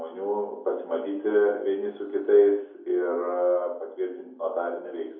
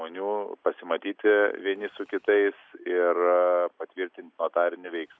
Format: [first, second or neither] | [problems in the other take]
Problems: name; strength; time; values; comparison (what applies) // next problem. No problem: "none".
second | room echo; dies away in 2.6 s